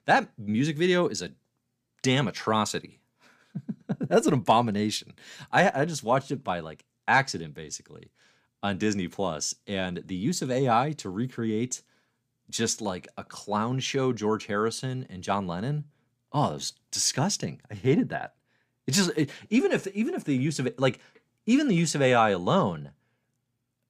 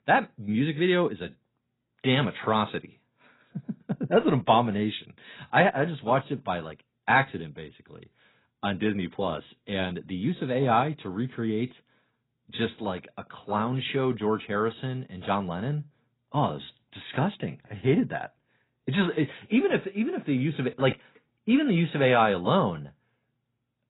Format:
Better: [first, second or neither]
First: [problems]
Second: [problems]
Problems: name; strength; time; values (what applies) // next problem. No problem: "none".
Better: first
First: none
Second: garbled, watery; badly; nothing above 4 kHz